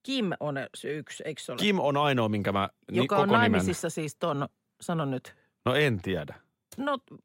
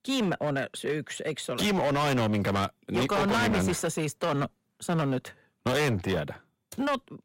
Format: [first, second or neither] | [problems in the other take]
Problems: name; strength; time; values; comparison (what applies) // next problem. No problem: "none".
first | distortion; heavy; 18% of the sound clipped